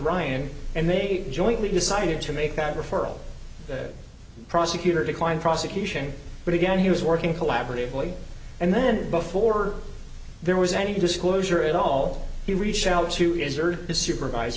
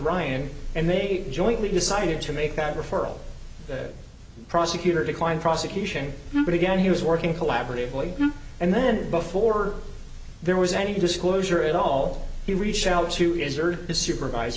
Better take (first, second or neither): first